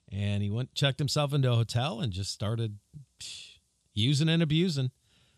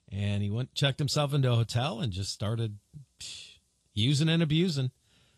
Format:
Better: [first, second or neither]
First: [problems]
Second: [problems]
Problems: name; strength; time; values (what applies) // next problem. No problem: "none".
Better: first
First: none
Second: garbled, watery; slightly